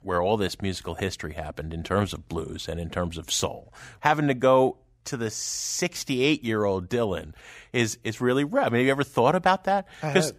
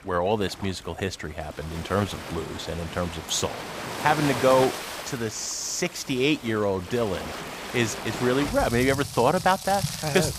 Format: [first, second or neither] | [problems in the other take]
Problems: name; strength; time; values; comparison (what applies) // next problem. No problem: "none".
first | rain or running water; loud; throughout; 8 dB below the speech